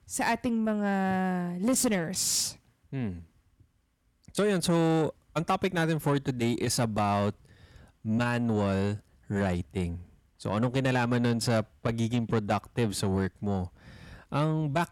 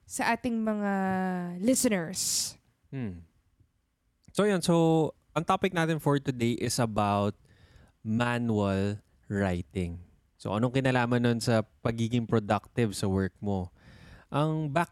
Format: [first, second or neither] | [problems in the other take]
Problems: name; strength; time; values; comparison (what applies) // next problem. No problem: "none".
second | distortion; slight; 10 dB below the speech